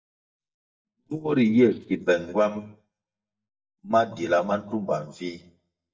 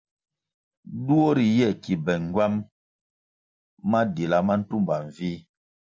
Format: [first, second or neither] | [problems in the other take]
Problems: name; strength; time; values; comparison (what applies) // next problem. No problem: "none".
second | noise reduction (neural mask model DeepFilterNet 3)